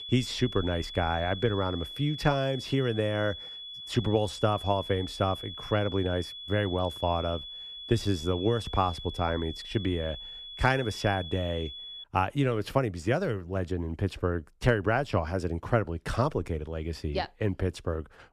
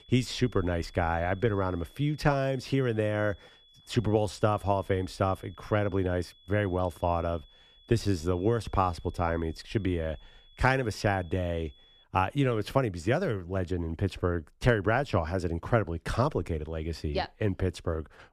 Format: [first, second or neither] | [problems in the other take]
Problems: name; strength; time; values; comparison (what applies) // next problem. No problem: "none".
second | high-pitched whine; loud; until 12 s; 3.5 kHz, 10 dB below the speech; faint in the second